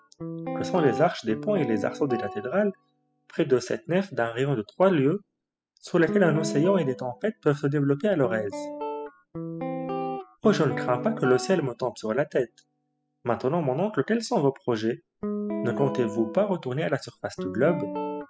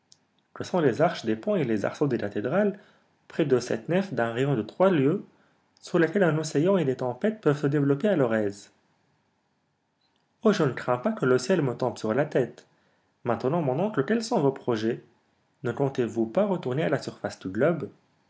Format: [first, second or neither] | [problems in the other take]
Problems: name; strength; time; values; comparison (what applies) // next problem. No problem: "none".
second | noise reduction (classical method spectral subtraction)